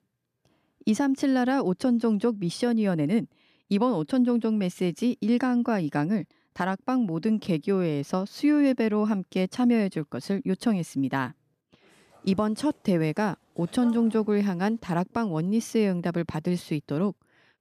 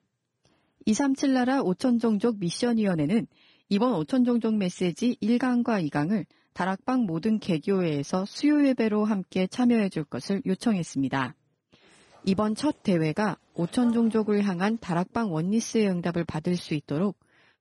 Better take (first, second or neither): first